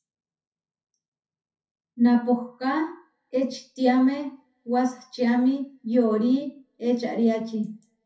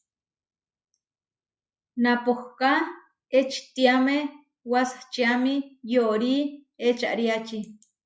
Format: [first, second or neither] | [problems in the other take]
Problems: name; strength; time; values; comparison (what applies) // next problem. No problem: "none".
second | room echo; dies away in 0.3 s